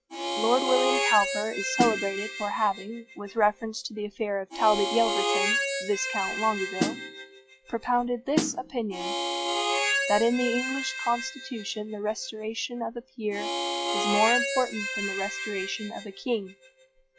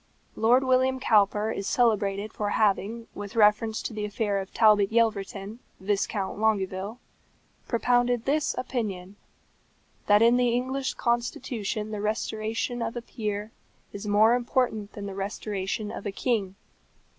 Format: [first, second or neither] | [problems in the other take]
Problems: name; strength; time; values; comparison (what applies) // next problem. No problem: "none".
second | noise reduction (classical method log-MMSE)